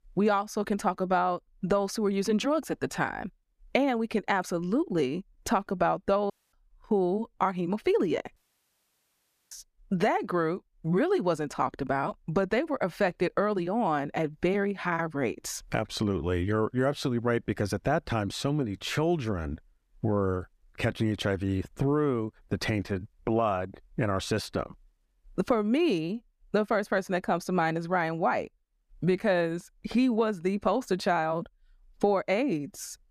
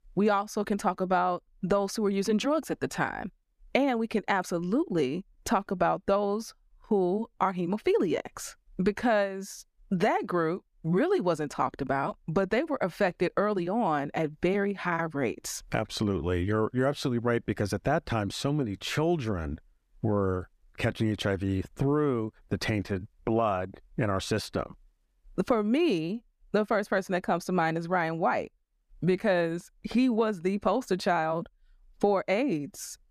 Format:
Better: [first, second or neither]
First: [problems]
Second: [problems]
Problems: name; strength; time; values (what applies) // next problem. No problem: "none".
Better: second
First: audio cutting out; at 6.5 s and at 8.5 s for 1 s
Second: none